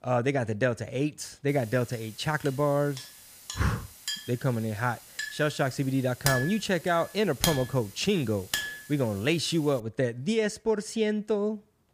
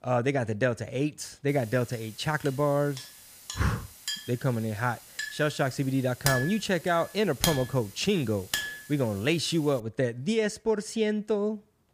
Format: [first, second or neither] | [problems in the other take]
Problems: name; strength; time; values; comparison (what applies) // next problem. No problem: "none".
neither | clattering dishes; noticeable; from 3 to 8.5 s; peak level with the speech; the same in both